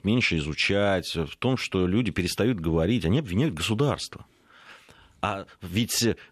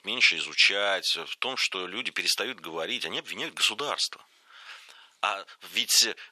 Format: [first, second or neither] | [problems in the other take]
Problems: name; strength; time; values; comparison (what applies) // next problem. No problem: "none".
first | thin; very; fading below 800 Hz